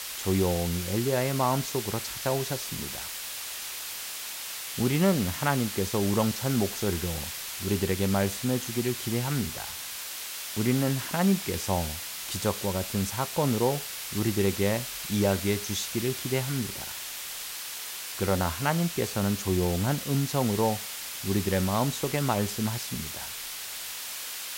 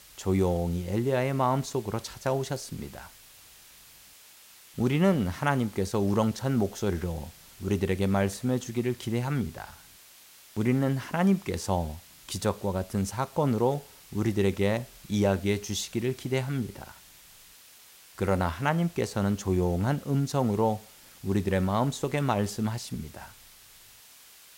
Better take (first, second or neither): second